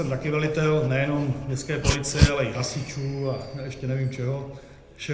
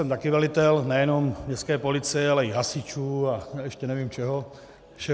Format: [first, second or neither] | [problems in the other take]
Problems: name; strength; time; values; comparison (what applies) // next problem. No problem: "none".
second | background sound (Dog); 4 dB below the speech // room echo; dies away in 0.8 s